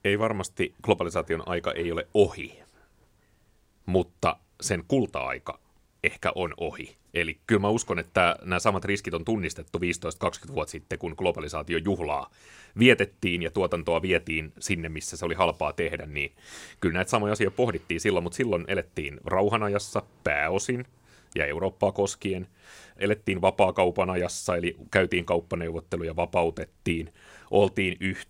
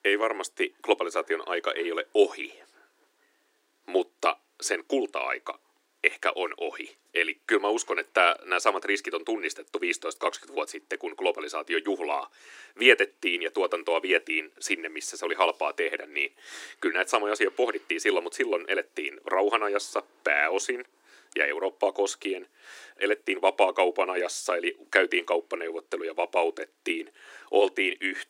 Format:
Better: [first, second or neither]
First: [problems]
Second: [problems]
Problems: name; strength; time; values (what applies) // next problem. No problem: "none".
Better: first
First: none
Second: thin; somewhat; fading below 300 Hz